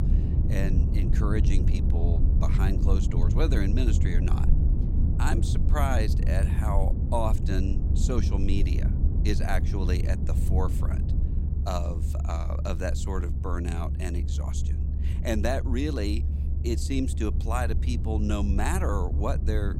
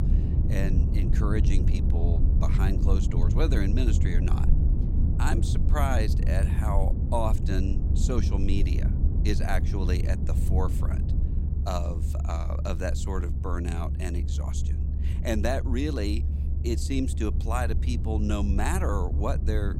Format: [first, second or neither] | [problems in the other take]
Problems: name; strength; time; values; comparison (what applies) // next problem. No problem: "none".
neither | low rumble; loud; throughout; 7 dB below the speech; the same in both